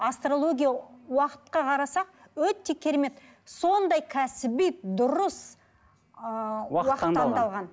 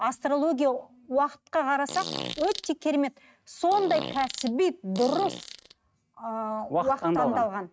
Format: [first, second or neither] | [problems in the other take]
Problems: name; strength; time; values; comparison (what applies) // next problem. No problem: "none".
first | noise reduction (neural mask model RNNoise)